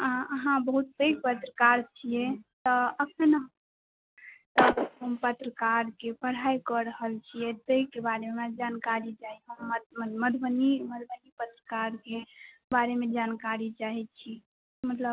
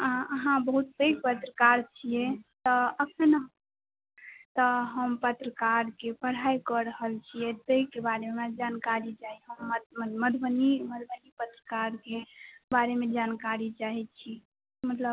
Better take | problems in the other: second | noise reduction (neural mask model RNNoise)

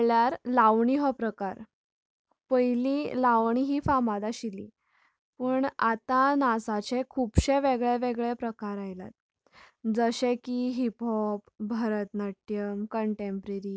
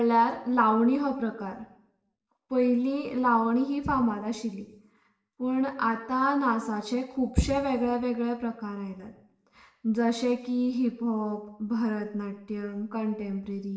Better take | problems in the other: first | room echo; dies away in 0.8 s

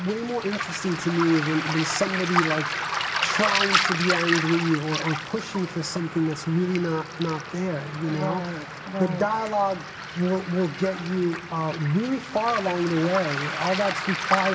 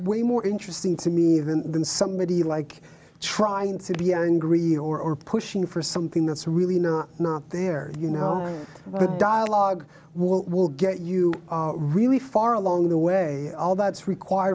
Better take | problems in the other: second | background sound (Waves, surf); 4 dB below the speech // room echo; dies away in 2.7 s

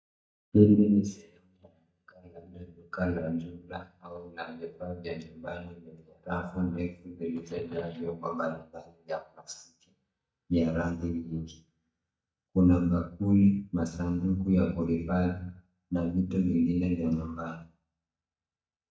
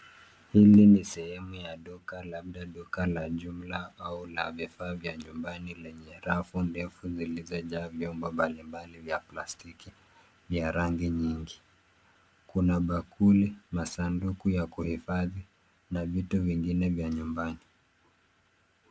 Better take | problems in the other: second | noise reduction (neural mask model DeepFilterNet 3)

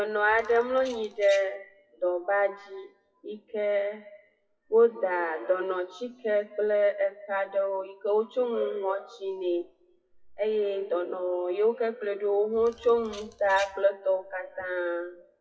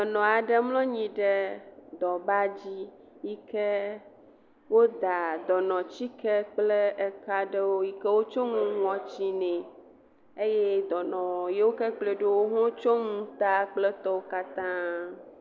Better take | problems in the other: second | noise reduction (classical method WPE with log-MMSE)

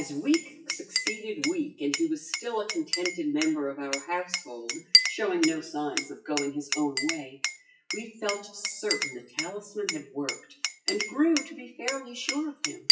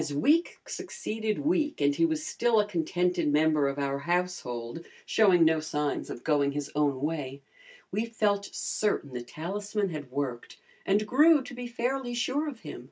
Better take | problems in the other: second | noise reduction (classical method WPE with log-MMSE)

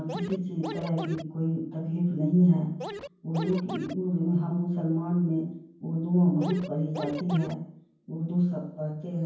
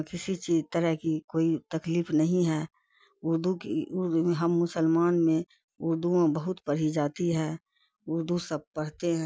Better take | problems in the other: second | background sound (Scratching (performance technique)); 10 dB below the speech // room echo; dies away in 0.9 s

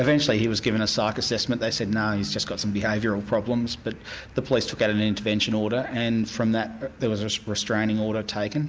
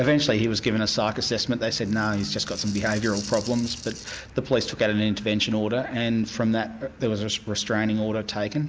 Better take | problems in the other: first | background sound (Rattle (instrument)); 15 dB below the speech

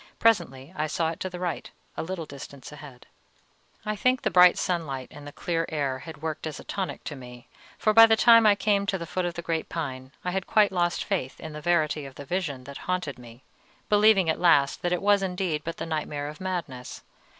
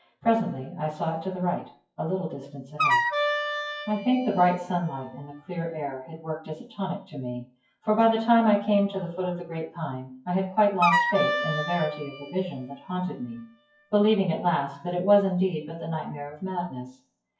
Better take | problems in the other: first | noise reduction (classical method WPE with log-MMSE)

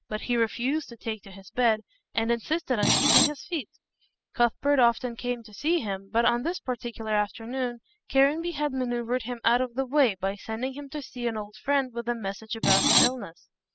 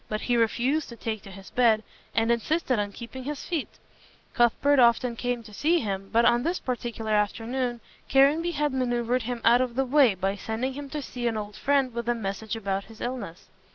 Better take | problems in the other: second | noise reduction (classical method spectral subtraction)

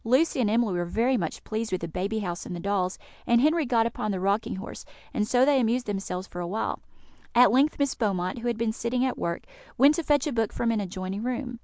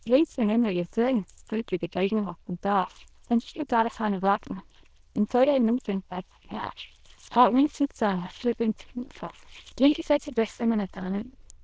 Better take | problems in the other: first | noise reduction (neural diffusion model UNIVERSE++)

